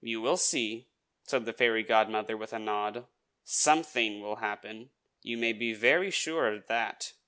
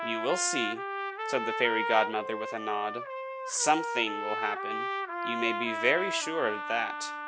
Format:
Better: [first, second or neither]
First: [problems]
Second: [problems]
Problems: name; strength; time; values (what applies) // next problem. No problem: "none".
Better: first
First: none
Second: background sound (Trumpet); 3 dB below the speech